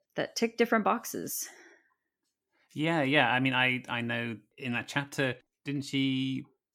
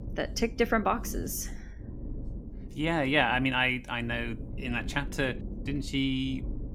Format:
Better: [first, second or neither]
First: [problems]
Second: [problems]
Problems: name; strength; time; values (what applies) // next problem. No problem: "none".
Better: first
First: none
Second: low rumble; faint; throughout; 20 dB below the speech